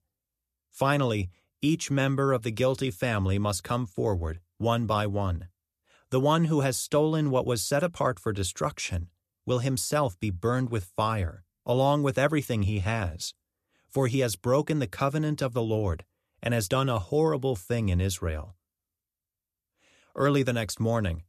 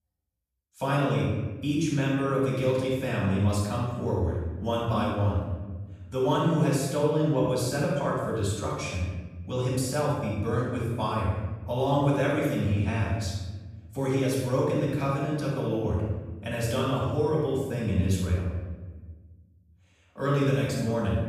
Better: first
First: none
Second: off-mic speech; far // room echo; strong; dies away in 1.3 s

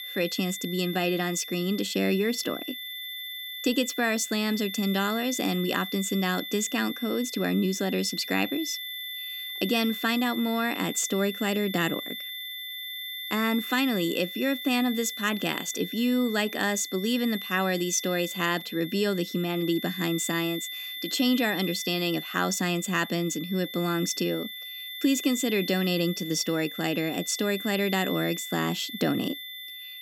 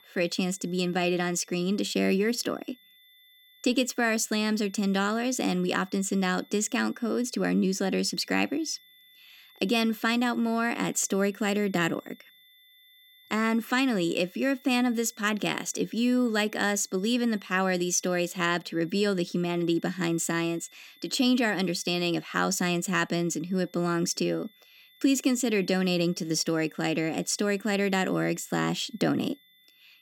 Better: second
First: high-pitched whine; loud; throughout; 3.5 kHz, 8 dB below the speech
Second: high-pitched whine; faint; throughout; 3.5 kHz, 30 dB below the speech

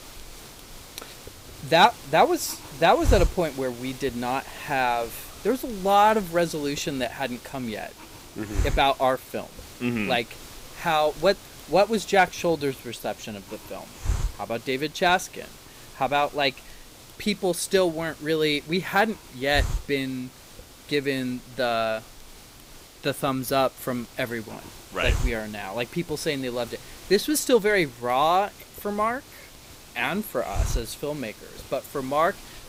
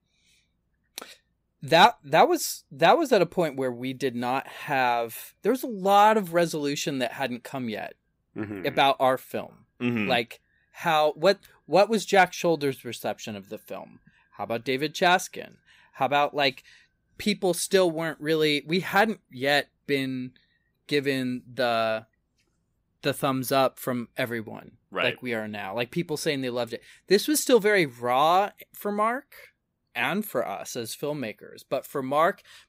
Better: second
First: hiss; noticeable; throughout; 15 dB below the speech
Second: none

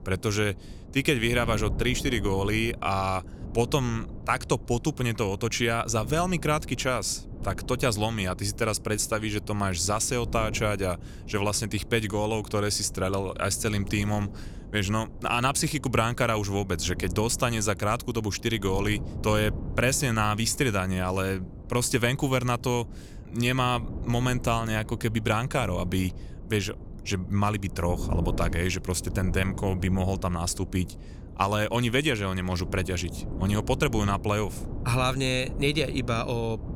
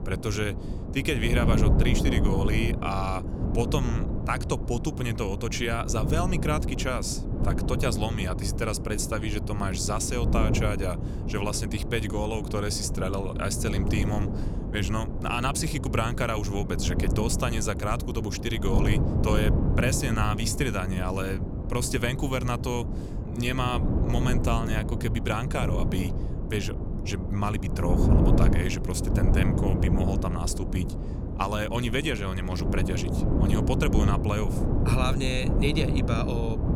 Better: first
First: wind noise on the microphone; occasional gusts; 20 dB below the speech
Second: wind noise on the microphone; heavy; 6 dB below the speech

